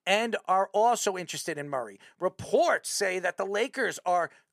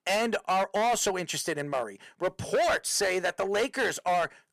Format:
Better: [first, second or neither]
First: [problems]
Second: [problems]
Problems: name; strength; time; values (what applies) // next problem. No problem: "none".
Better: first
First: none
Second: distortion; heavy; 13% of the sound clipped